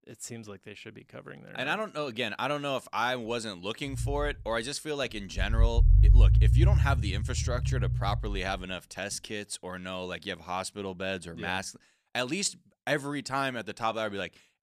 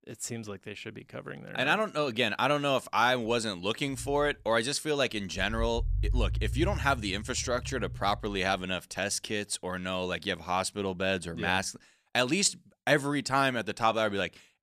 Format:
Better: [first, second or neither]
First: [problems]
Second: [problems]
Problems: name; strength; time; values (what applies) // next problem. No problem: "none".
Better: second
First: low rumble; loud; from 4 to 9 s; 10 dB below the speech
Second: low rumble; faint; from 4 to 9 s; 25 dB below the speech